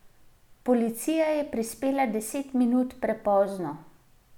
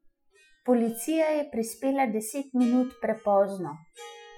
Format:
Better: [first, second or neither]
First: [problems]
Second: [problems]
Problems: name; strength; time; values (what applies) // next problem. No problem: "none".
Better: first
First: none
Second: noise reduction (classical method Wiener filter)